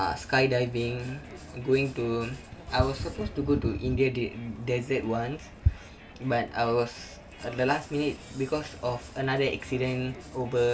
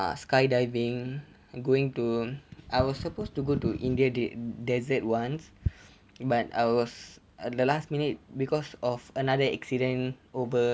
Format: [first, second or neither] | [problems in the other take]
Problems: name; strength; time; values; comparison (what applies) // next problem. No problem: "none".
second | background sound (Crowd); 17 dB below the speech // room echo; dies away in 0.2 s